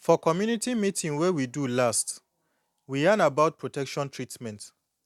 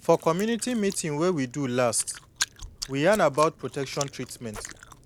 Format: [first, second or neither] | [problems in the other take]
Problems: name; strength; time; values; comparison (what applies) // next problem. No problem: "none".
first | background sound (Chewing, mastication); 14 dB below the speech